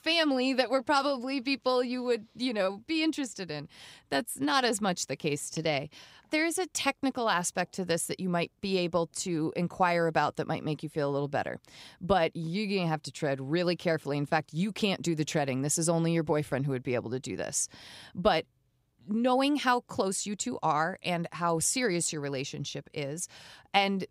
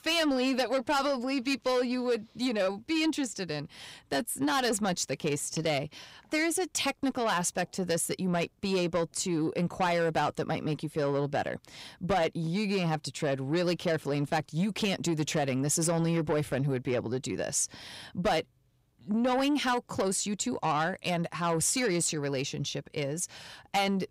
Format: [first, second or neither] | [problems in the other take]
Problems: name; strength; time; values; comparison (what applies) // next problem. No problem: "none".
first | distortion; slight; 10 dB below the speech